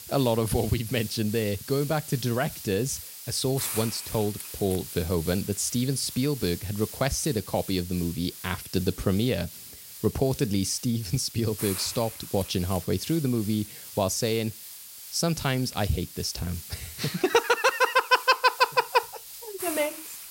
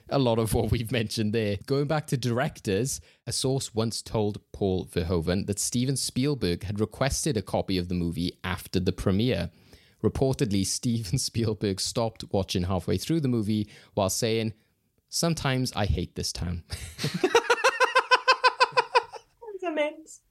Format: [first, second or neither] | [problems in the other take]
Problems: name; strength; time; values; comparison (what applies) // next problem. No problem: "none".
second | hiss; noticeable; throughout; 10 dB below the speech